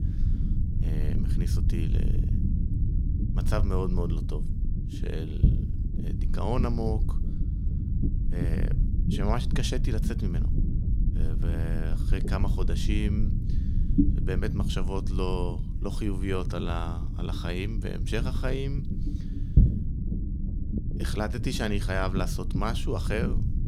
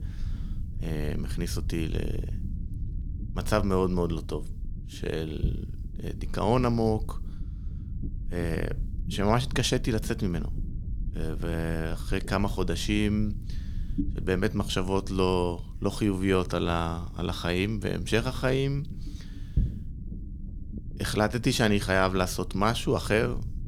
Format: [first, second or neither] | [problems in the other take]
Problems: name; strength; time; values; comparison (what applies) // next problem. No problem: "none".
second | low rumble; loud; throughout; 6 dB below the speech; faint in the second